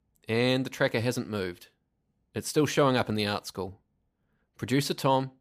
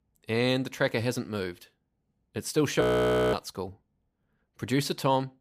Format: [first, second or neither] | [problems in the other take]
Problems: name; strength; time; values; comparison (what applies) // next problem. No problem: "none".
first | audio freezing; at 3 s for 0.5 s